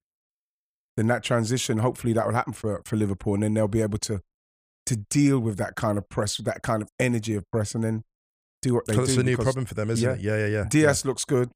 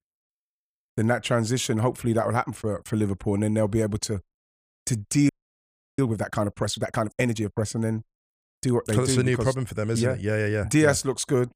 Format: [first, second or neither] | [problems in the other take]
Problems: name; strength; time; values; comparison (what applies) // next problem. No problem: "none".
first | audio freezing; at 5.5 s for 0.5 s